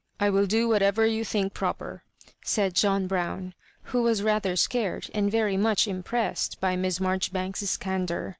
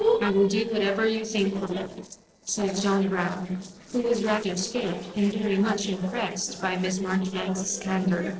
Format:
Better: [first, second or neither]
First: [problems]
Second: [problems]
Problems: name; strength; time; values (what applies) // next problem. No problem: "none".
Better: first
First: none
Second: noise reduction (neural separator model SepFormer DNS4)